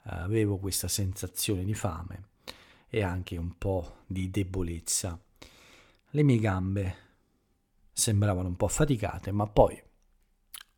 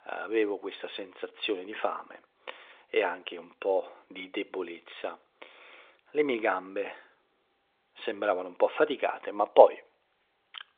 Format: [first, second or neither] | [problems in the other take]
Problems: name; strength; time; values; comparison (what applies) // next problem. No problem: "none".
first | phone-call audio; nothing above 3.5 kHz